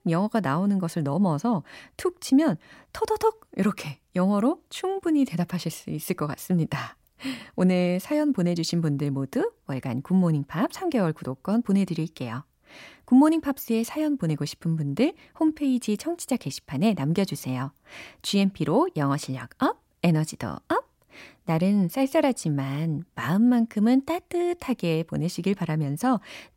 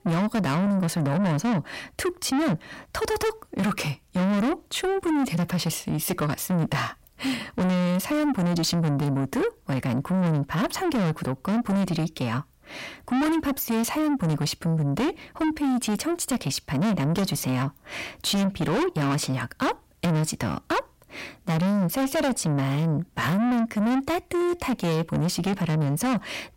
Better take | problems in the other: first | distortion; heavy; 6 dB below the speech

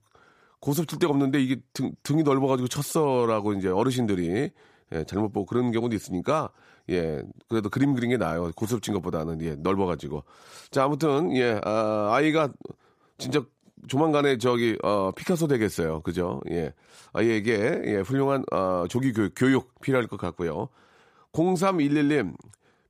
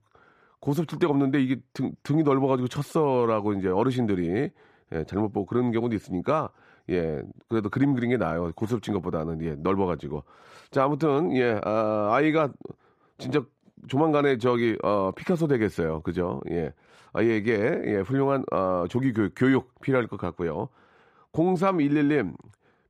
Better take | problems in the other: first | muffled; slightly; fading above 4 kHz

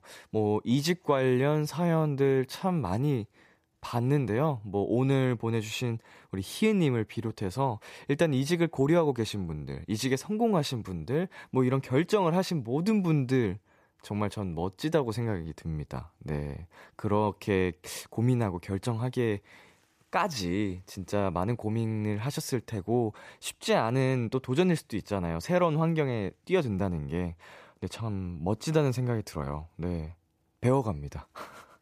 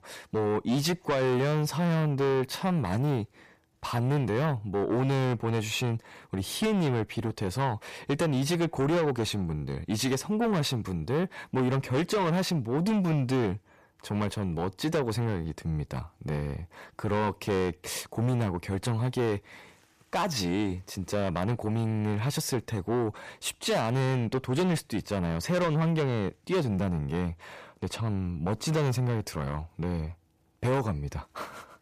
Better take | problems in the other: first | distortion; heavy; 7 dB below the speech

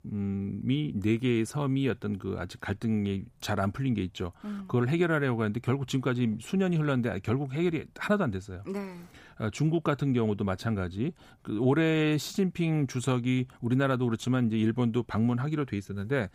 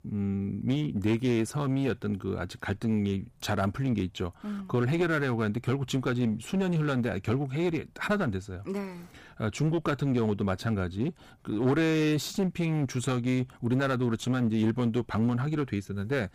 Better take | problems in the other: first | distortion; slight; 8% of the sound clipped

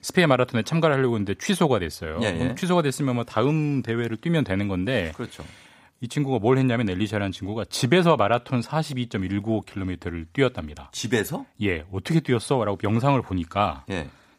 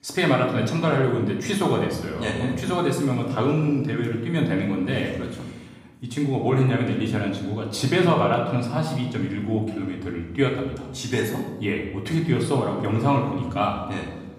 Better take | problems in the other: first | room echo; noticeable; dies away in 1 s // off-mic speech; far

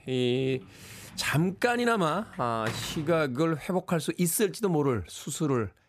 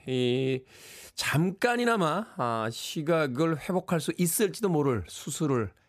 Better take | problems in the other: second | door banging; noticeable; until 3.5 s; peak 9 dB below the speech

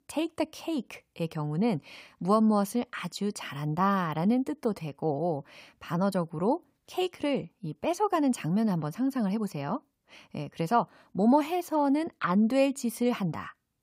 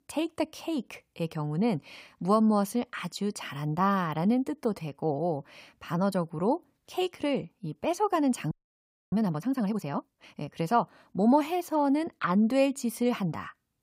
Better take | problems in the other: first | audio freezing; at 8.5 s for 0.5 s

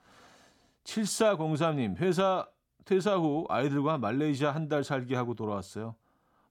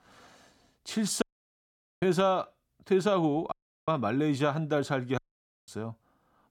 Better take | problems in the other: first | audio cutting out; at 1 s for 1 s, at 3.5 s and at 5 s for 0.5 s

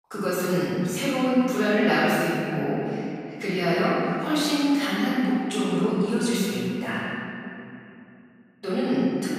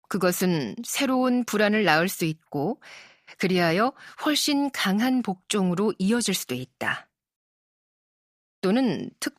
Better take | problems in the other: second | off-mic speech; far // room echo; strong; dies away in 2.7 s

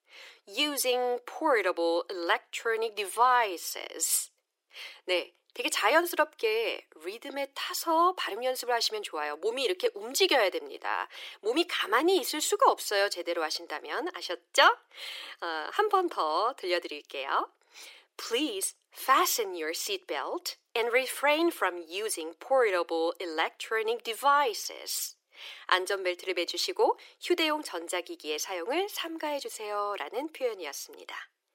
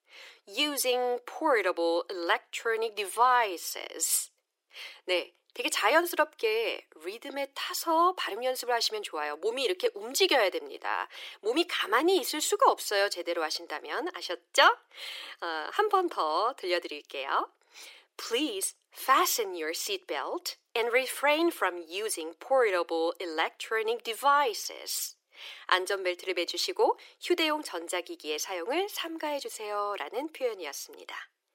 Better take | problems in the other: neither | thin; very; fading below 350 Hz; the same in both

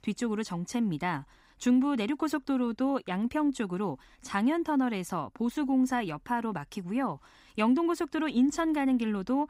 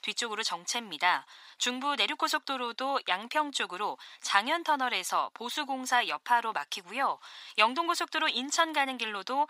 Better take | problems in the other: first | thin; very; fading below 900 Hz

